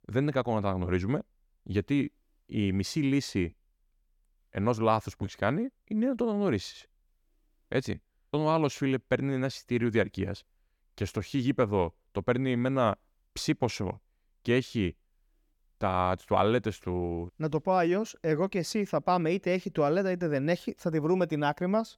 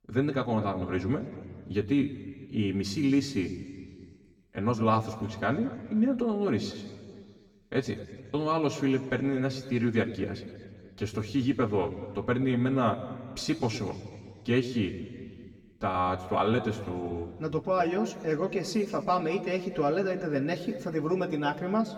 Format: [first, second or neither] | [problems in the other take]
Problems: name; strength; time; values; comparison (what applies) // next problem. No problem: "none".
first | room echo; slight; dies away in 1.6 s // off-mic speech; somewhat distant